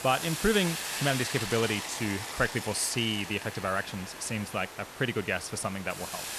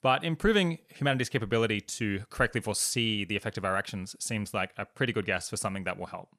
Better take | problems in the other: second | hiss; loud; throughout; 6 dB below the speech

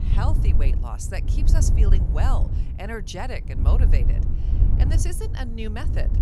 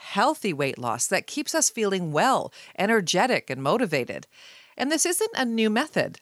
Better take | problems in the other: second | wind noise on the microphone; heavy; 5 dB below the speech

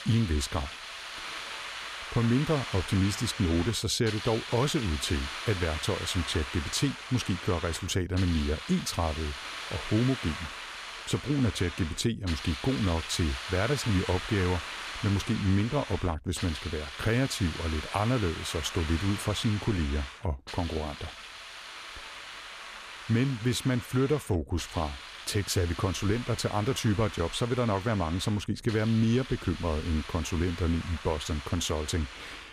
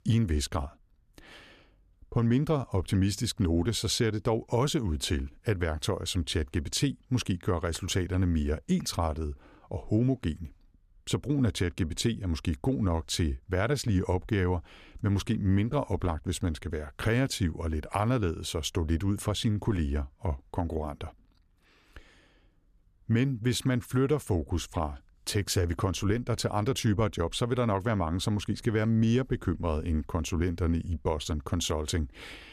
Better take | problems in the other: second | hiss; loud; throughout; 9 dB below the speech

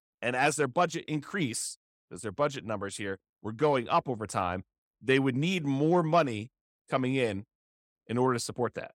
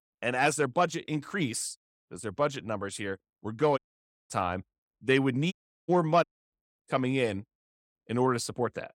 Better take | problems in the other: first | audio cutting out; at 4 s for 0.5 s, at 5.5 s and at 6 s

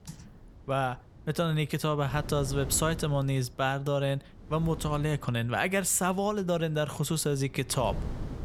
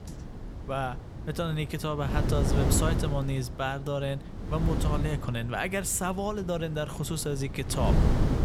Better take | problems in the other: first | wind noise on the microphone; heavy; 6 dB below the speech; occasional gusts in the first

